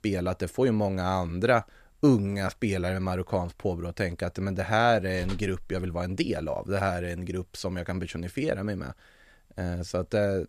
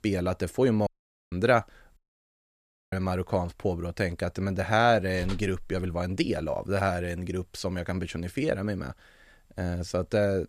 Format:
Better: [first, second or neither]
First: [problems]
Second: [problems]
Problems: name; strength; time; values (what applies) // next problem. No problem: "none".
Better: first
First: none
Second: audio cutting out; at 1 s and at 2 s for 1 s